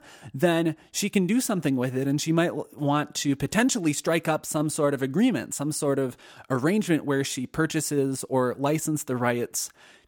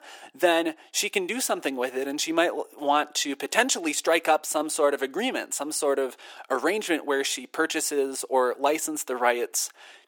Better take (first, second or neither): first